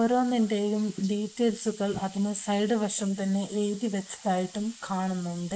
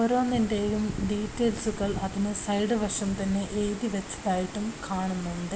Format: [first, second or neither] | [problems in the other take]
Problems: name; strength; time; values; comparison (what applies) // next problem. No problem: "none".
second | noise reduction (neural mask model Resemble Enhance denoiser)